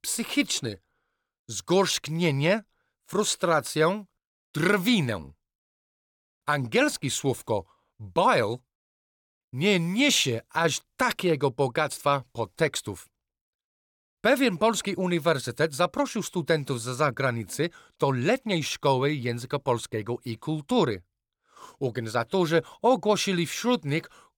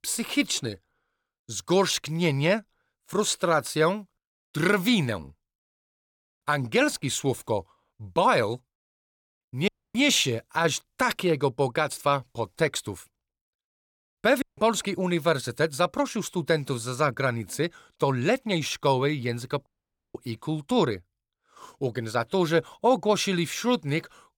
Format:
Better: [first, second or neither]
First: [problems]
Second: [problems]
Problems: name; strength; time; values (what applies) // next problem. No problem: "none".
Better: first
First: none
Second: audio cutting out; at 9.5 s, at 14 s and at 20 s